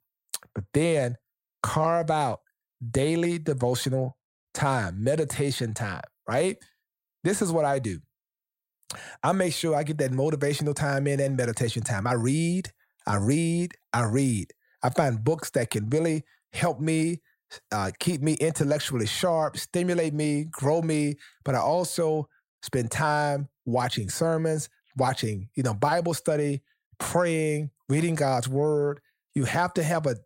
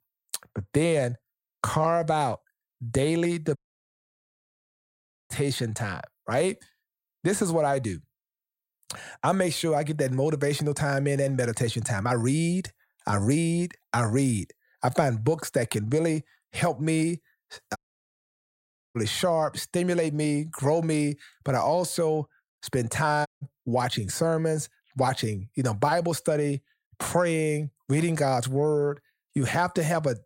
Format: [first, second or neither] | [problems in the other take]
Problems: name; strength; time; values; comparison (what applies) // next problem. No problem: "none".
first | audio cutting out; at 3.5 s for 1.5 s, at 18 s for 1 s and at 23 s